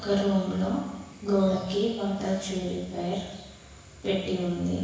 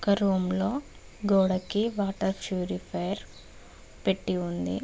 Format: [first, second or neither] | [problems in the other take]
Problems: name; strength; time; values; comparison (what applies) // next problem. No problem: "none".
second | room echo; dies away in 1.1 s